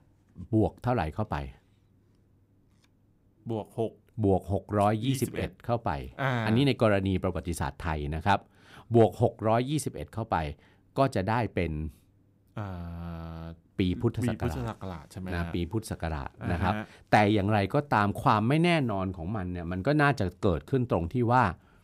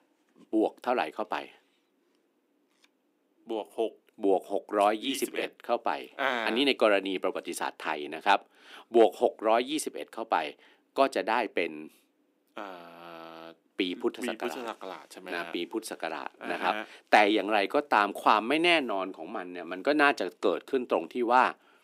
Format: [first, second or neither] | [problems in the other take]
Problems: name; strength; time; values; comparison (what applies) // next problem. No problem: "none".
first | thin; somewhat; fading below 300 Hz